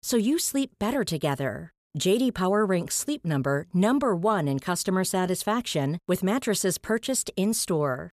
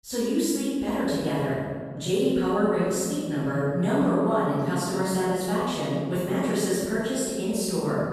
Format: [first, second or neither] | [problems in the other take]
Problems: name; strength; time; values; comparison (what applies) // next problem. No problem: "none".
first | off-mic speech; far // room echo; strong; dies away in 1.6 s